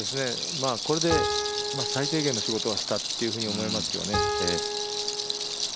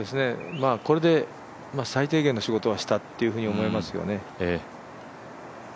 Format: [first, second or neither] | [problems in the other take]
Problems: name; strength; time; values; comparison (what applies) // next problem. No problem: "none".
second | background sound (Rattle + Piano); 2 dB above the speech